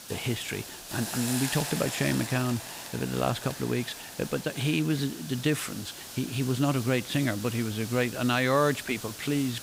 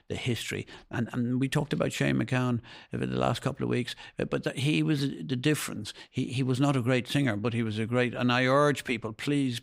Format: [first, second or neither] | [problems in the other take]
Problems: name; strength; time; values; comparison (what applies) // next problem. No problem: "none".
second | hiss; loud; throughout; 8 dB below the speech